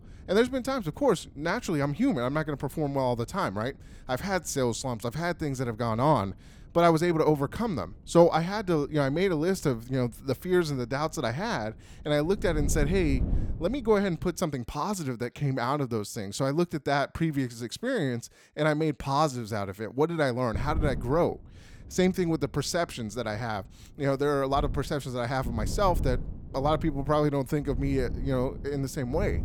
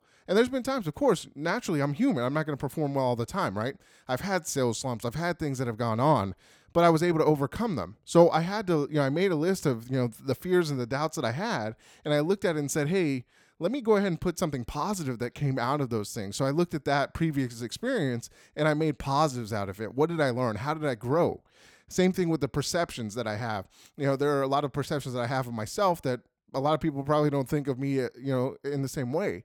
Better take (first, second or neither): second